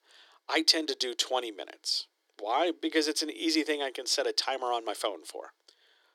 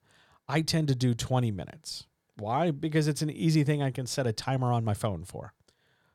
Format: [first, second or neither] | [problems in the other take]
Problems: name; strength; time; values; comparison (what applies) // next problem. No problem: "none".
second | thin; very; fading below 300 Hz